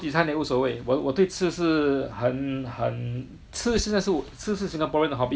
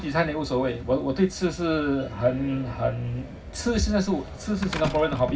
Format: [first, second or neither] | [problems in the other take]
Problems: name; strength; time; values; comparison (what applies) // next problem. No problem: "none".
first | background sound (Slam); 13 dB below the speech // room echo; dies away in 0.4 s